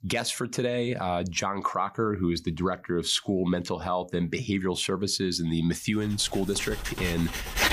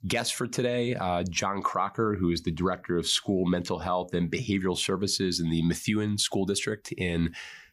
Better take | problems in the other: second | household noises; loud; from 6 s on; 6 dB below the speech

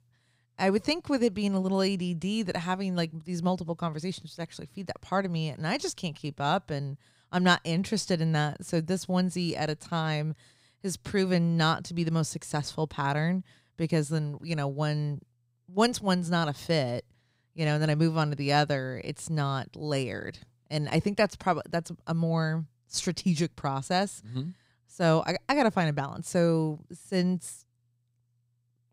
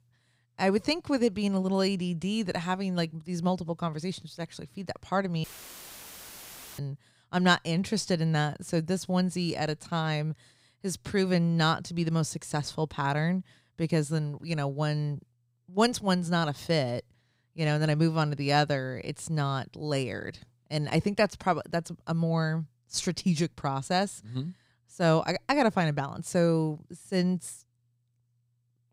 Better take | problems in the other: first | audio cutting out; filled with static; at 5.5 s for 1.5 s

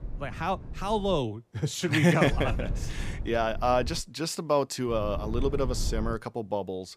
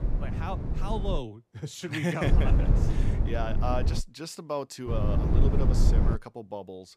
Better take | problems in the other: first | low rumble; loud; until 1 s, from 2 to 4 s and from 5 to 6 s; 4 dB below the speech; faint in the first

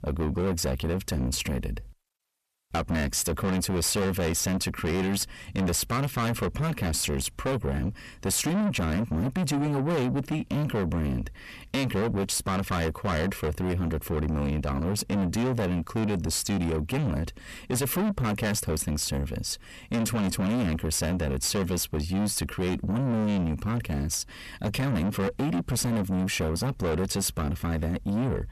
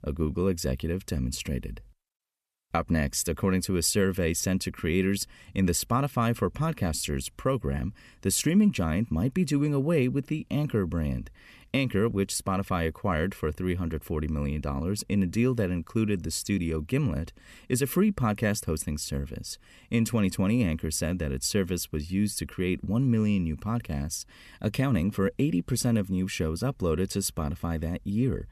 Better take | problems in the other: second | distortion; heavy; 6 dB below the speech

